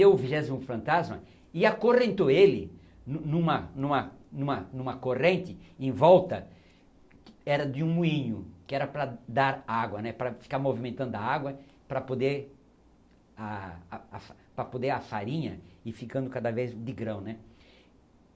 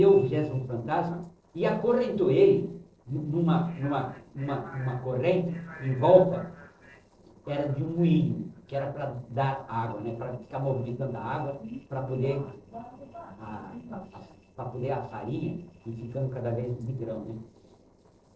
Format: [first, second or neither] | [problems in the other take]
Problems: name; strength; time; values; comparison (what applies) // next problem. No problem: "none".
first | noise reduction (neural separator model SepFormer DNS4)